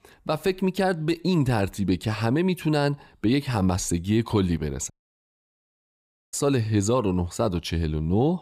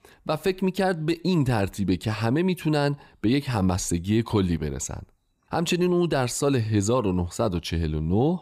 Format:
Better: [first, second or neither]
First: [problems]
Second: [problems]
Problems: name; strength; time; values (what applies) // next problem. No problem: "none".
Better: second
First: audio cutting out; at 5 s for 1.5 s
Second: none